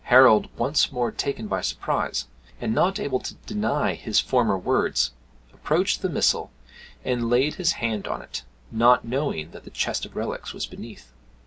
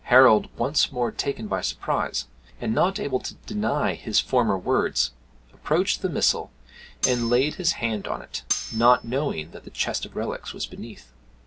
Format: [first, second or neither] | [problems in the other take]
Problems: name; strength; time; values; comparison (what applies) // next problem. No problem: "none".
first | background sound (Cutlery, silverware); 9 dB below the speech